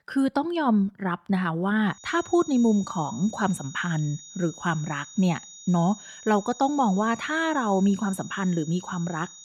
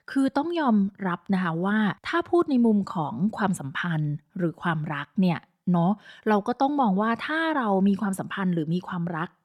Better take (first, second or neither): second